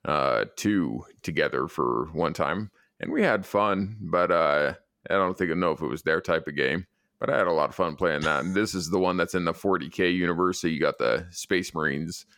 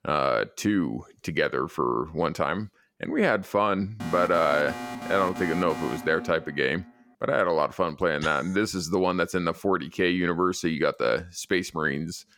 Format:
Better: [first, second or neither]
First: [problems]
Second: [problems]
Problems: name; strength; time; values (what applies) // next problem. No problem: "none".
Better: first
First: none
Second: alarm; noticeable; from 4 to 7 s; peak 8 dB below the speech